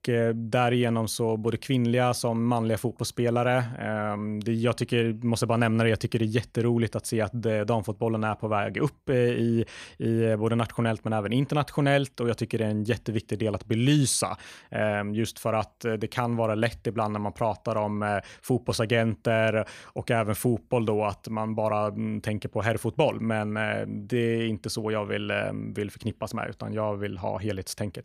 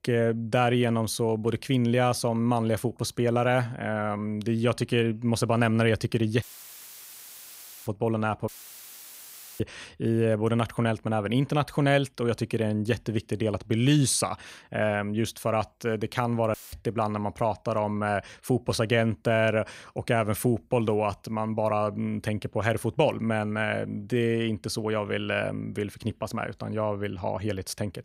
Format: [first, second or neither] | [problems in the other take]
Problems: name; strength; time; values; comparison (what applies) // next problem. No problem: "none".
first | audio cutting out; filled with static; at 6.5 s for 1.5 s, at 8.5 s for 1 s and at 17 s